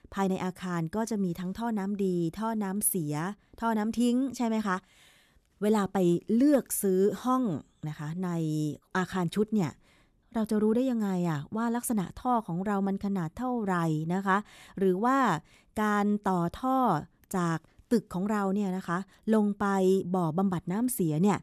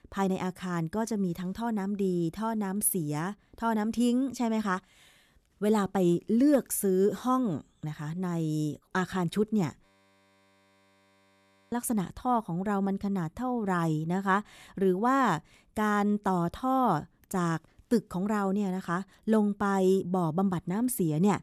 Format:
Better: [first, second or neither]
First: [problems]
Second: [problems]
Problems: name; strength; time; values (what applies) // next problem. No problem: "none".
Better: first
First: none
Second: audio freezing; at 10 s for 2 s